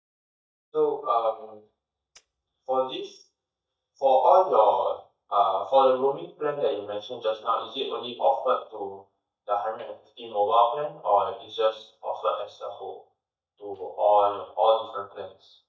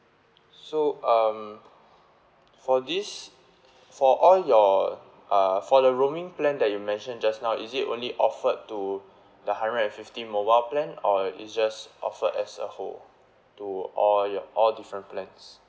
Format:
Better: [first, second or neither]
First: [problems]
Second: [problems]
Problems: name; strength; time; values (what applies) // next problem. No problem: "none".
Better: second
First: noise reduction (neural mask model DeepFilterNet 3)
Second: none